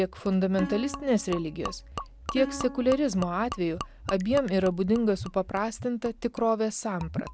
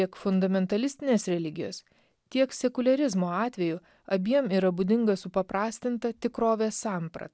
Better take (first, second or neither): second